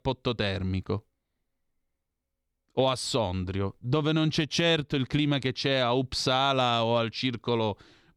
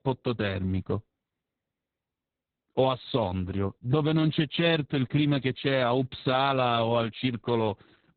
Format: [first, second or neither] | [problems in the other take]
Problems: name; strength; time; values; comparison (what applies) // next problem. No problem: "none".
first | garbled, watery; badly; nothing above 4 kHz